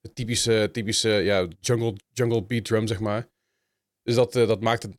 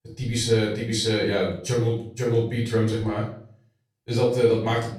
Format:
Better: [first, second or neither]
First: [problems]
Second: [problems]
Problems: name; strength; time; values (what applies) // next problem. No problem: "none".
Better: first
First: none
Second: off-mic speech; far // room echo; noticeable; dies away in 0.5 s